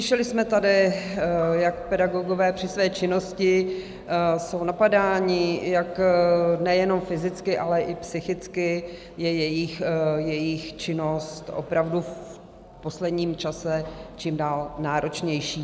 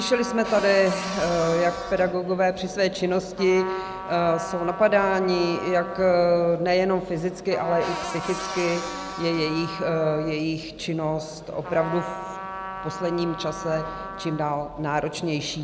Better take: first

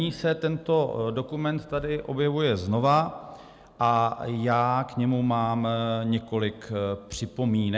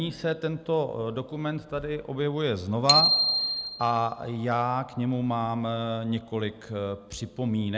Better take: first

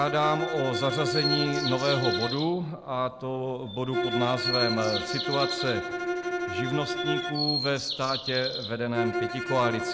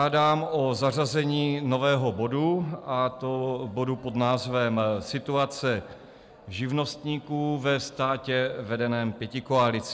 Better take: second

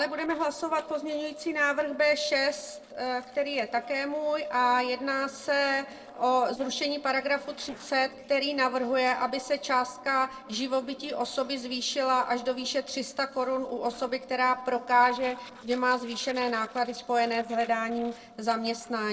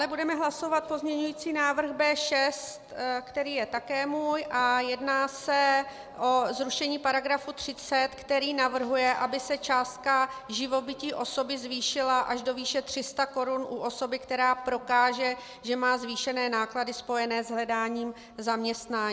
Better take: second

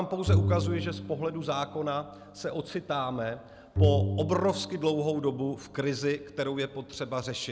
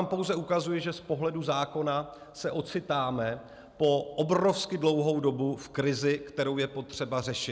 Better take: second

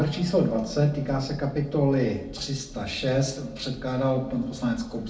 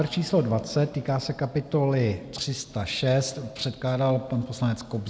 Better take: second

